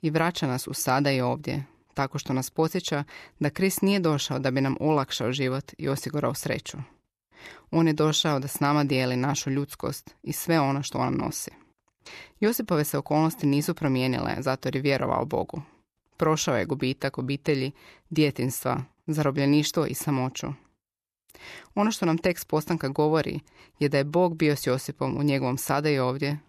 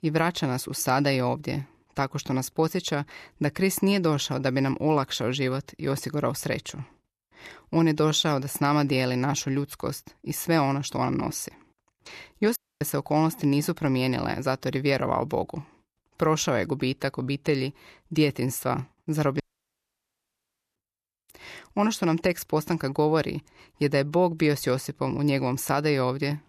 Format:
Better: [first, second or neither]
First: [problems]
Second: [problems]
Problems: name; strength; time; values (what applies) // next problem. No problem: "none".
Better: first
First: none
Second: audio cutting out; at 13 s and at 19 s for 1.5 s